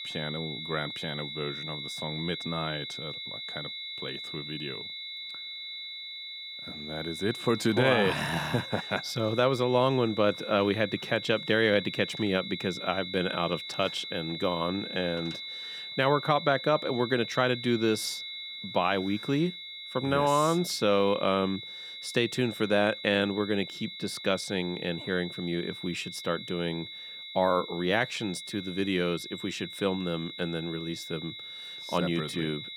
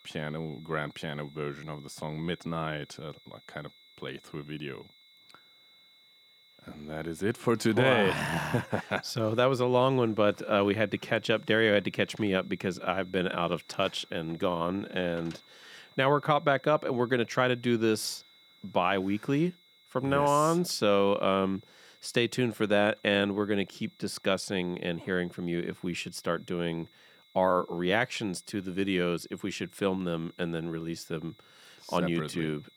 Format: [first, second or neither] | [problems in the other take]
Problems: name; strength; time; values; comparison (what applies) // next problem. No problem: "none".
second | high-pitched whine; loud; throughout; 4 kHz, 8 dB below the speech; faint in the second